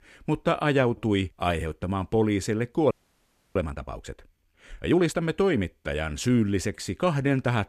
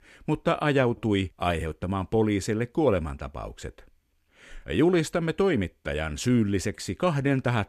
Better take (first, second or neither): second